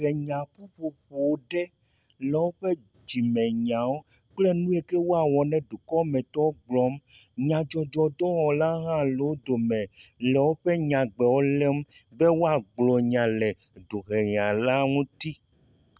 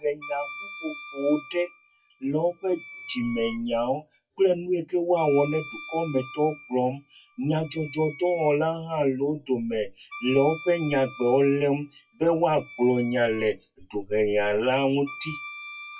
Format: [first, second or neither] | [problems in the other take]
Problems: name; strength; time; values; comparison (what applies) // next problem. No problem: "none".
first | noise reduction (classical method WPE with log-MMSE)